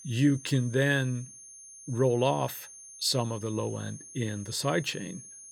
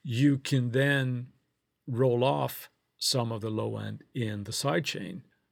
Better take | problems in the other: second | high-pitched whine; noticeable; throughout; 6.5 kHz, 15 dB below the speech

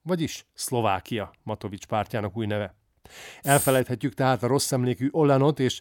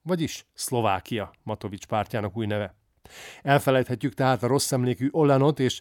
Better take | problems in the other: second | jangling keys; noticeable; at 3.5 s; peak 2 dB below the speech

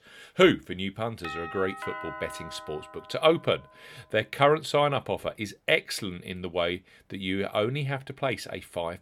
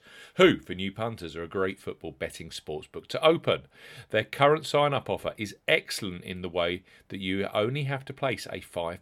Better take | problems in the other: second | doorbell; noticeable; from 1 to 3.5 s; peak 9 dB below the speech

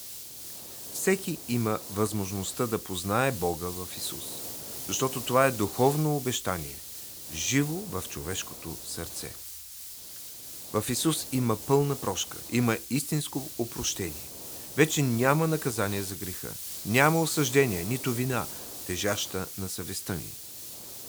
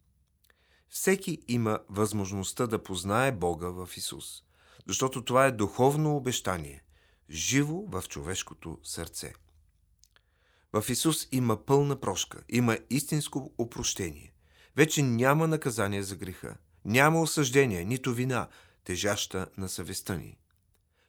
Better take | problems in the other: second | hiss; loud; throughout; 8 dB below the speech

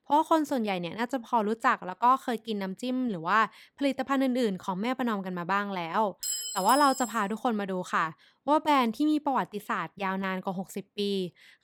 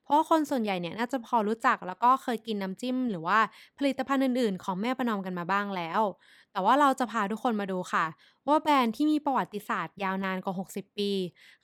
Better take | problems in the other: second | clattering dishes; noticeable; at 6 s; peak 2 dB below the speech

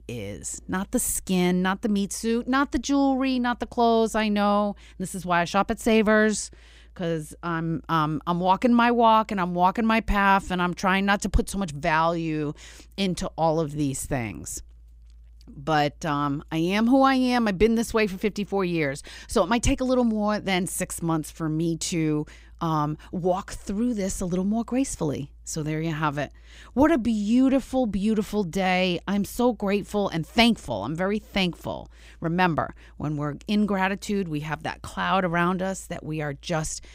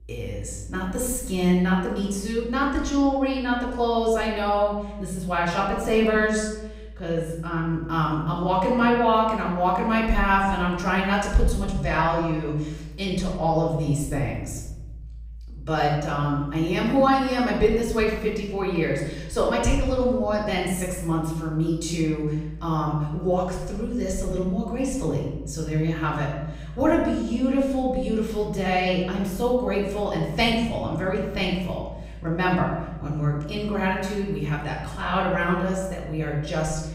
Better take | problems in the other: first | off-mic speech; far // room echo; noticeable; dies away in 1.1 s

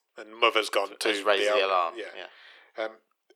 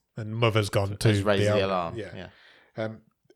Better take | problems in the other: second | thin; very; fading below 350 Hz

